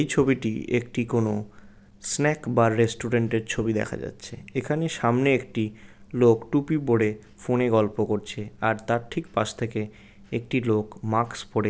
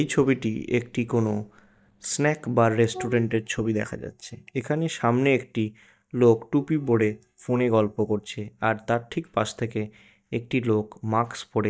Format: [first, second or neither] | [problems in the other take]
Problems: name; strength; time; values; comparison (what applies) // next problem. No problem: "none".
first | noise reduction (neural mask model DeepFilterNet 3)